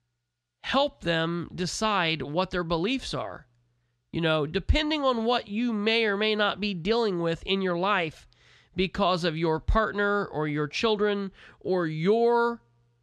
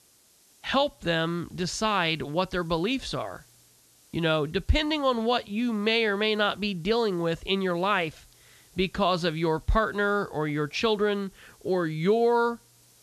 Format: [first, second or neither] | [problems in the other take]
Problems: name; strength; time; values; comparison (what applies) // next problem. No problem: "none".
first | hiss; faint; throughout; 30 dB below the speech